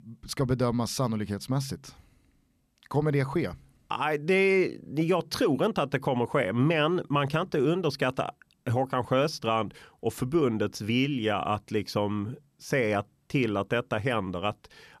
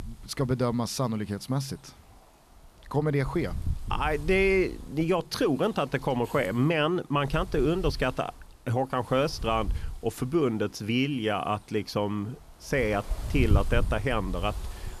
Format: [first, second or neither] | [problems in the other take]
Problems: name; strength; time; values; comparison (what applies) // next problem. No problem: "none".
first | wind noise on the microphone; occasional gusts; 20 dB below the speech